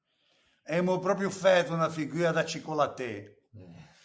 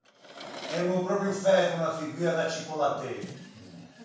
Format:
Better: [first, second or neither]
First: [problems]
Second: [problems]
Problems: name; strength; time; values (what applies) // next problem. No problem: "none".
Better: first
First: none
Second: background sound (Drawer open or close); 16 dB below the speech // room echo; dies away in 0.7 s